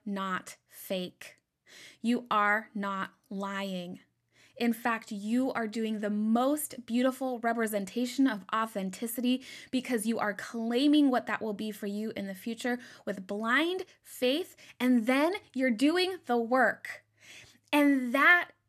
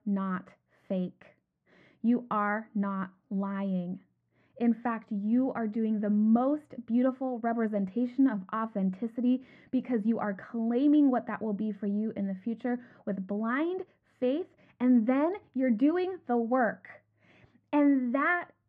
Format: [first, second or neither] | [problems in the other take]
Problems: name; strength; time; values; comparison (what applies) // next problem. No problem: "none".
first | muffled; very; fading above 1.5 kHz